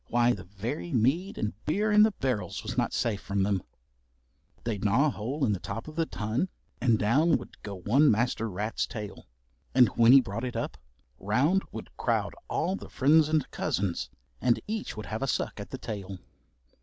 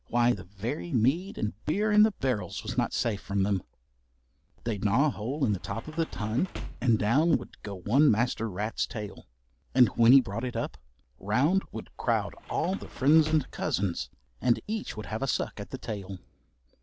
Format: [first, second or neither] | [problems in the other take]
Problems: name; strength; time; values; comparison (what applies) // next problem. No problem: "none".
first | background sound (Sliding door / Slam); 15 dB below the speech